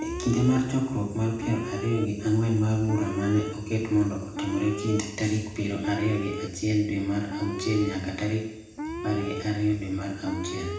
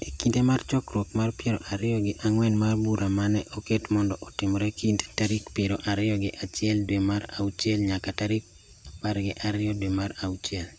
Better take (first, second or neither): second